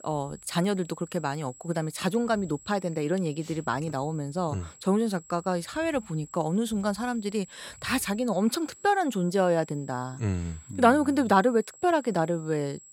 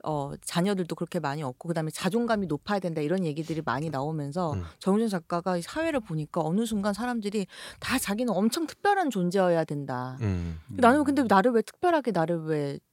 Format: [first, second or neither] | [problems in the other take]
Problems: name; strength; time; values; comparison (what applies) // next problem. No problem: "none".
second | high-pitched whine; faint; throughout; 7.5 kHz, 20 dB below the speech